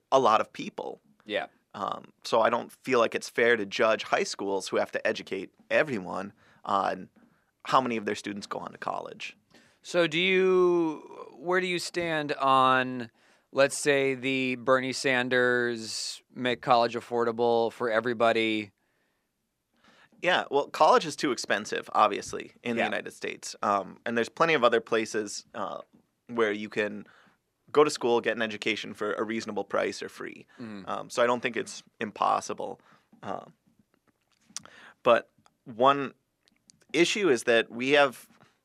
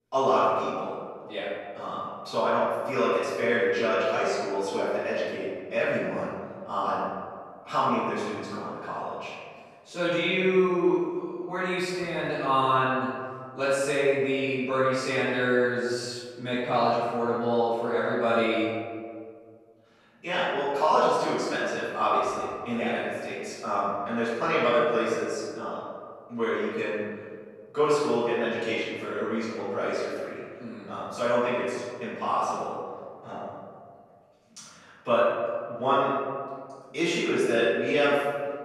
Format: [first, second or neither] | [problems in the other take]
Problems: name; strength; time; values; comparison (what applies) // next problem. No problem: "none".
first | room echo; strong; dies away in 1.8 s // off-mic speech; far